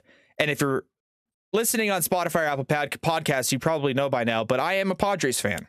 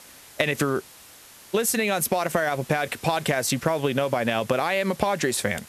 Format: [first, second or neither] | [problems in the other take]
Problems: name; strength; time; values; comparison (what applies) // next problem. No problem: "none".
first | hiss; faint; throughout; 20 dB below the speech